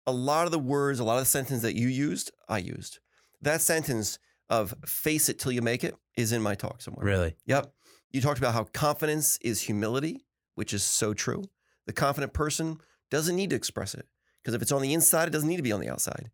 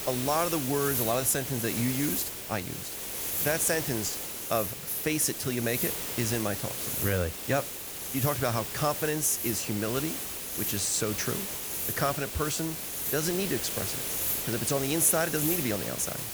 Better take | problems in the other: first | hiss; loud; throughout; 1 dB below the speech

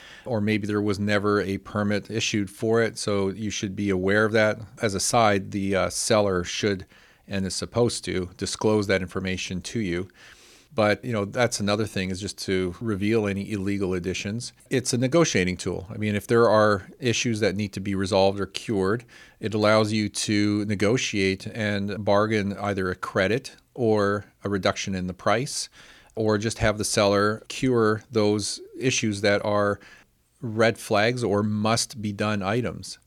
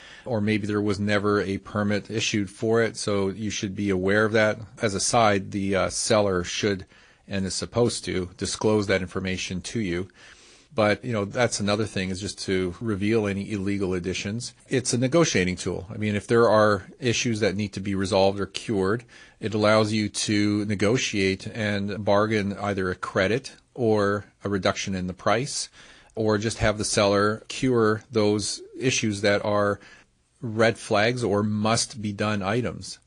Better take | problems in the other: first | garbled, watery; slightly; nothing above 10 kHz

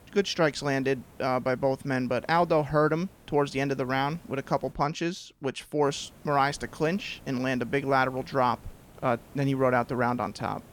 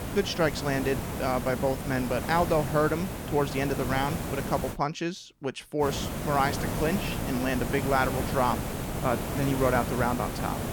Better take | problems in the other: first | hiss; loud; until 4.5 s and from 6 s on; 4 dB below the speech; faint in the first

